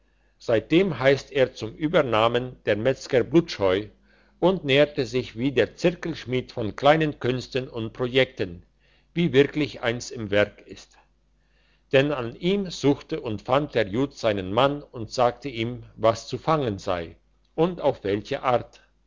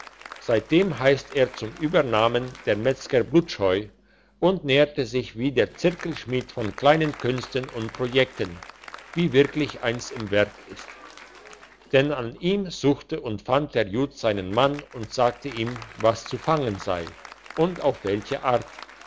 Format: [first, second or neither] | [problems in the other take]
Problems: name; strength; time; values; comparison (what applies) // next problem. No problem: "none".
first | background sound (Applause); 20 dB below the speech